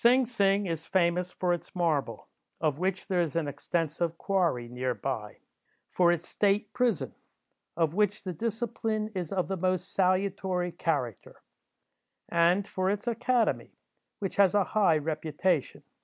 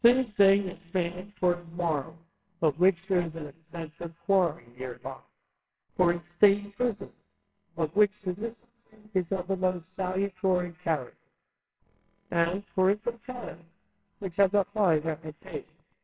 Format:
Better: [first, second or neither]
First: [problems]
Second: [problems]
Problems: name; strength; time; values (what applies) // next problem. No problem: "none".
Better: first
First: none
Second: noise reduction (neural separator model SepFormer WHAMR!)